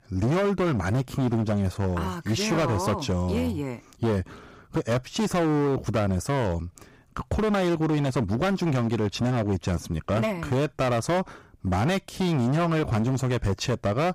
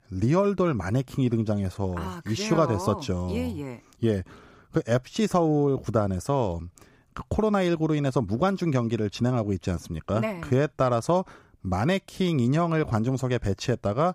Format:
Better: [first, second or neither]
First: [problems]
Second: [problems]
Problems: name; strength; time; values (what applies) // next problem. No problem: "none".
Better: second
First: distortion; heavy; 19% of the sound clipped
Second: none